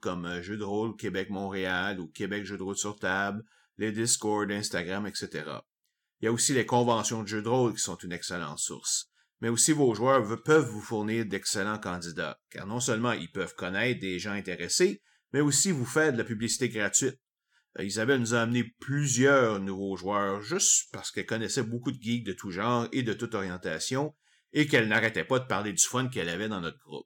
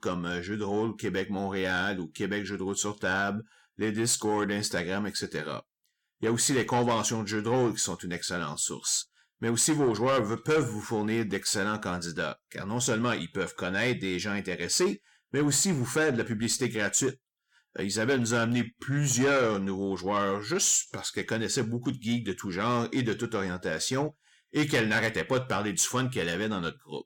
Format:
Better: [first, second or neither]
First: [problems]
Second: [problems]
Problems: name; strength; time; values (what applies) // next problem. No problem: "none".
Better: first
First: none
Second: distortion; slight; 10 dB below the speech